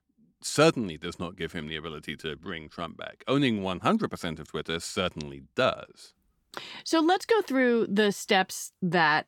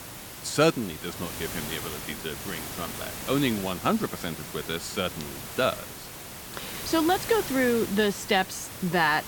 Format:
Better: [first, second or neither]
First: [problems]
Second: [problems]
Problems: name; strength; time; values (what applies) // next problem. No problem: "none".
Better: first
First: none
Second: hiss; loud; throughout; 8 dB below the speech